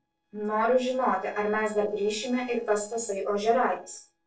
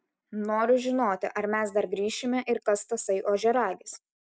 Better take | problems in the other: second | noise reduction (neural separator model SepFormer DNS4)

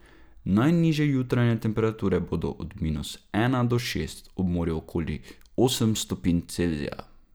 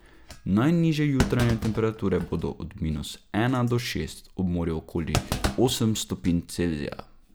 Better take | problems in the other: first | background sound (Thump, thud); 9 dB below the speech

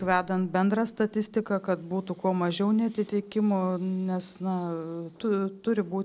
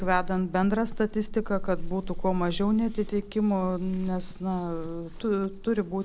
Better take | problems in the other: first | background sound (Chewing, mastication / Livestock, farm animals, working animals); 7 dB below the speech

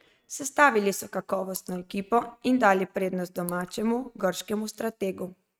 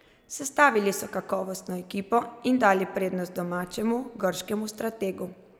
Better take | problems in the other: second | noise reduction (neural mask model RNNoise)

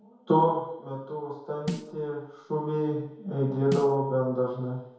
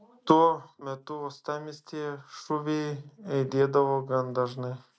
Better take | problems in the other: second | background sound (Snare drum); 11 dB below the speech // room echo; dies away in 0.9 s

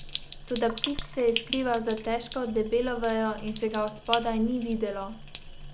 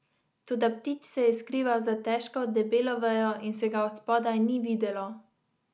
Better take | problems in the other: second | background sound (Sink (filling or washing)); 9 dB below the speech

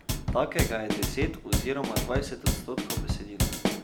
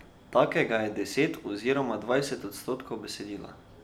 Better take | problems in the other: second | background sound (Drum kit); 3 dB above the speech

